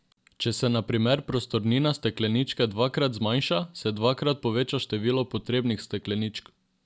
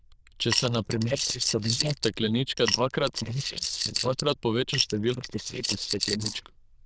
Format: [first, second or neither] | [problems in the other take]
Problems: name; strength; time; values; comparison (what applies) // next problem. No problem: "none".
first | noise reduction (neural diffusion model UNIVERSE++)